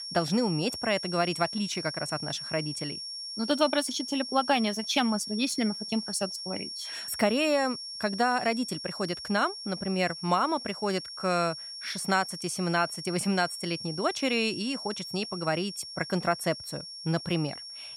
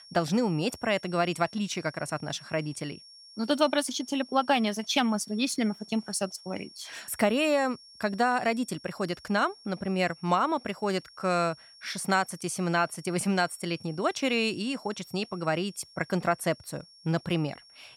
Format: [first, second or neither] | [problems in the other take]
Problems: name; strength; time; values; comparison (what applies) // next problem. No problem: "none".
second | high-pitched whine; loud; throughout; 5.5 kHz, 7 dB below the speech; faint in the second